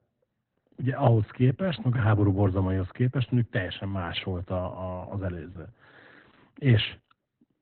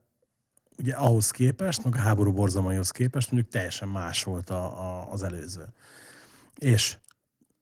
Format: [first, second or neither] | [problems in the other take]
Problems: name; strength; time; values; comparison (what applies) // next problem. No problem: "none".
second | garbled, watery; badly; nothing above 4 kHz; slightly in the second